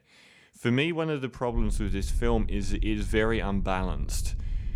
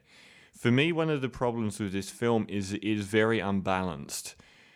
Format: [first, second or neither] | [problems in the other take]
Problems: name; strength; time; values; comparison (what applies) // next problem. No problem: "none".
second | wind noise on the microphone; occasional gusts; from 1.5 s on; 25 dB below the speech